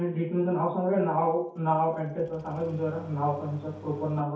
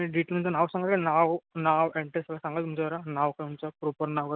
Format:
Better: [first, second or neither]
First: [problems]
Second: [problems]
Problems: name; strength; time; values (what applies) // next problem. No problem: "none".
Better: second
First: background sound (Engine starting); 20 dB below the speech // room echo; dies away in 0.6 s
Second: none